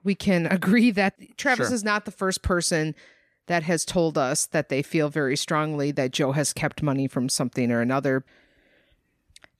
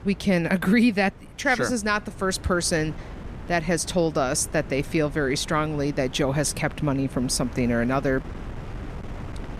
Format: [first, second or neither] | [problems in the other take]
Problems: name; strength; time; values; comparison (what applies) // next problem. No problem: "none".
first | wind noise on the microphone; occasional gusts; 20 dB below the speech